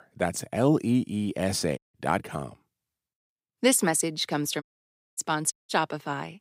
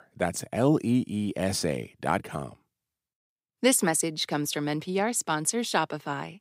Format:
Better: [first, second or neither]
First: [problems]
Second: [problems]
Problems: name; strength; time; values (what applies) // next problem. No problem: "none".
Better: second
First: audio cutting out; at 2 s, at 4.5 s for 0.5 s and at 5.5 s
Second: none